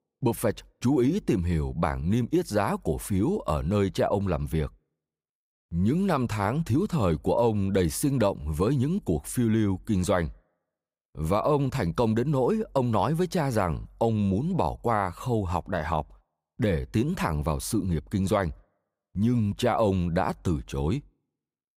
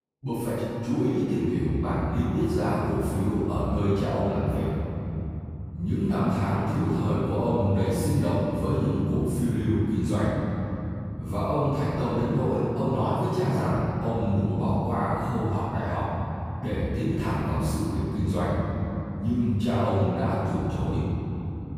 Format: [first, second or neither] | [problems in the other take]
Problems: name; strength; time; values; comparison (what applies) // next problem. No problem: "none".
first | off-mic speech; far // room echo; strong; dies away in 3 s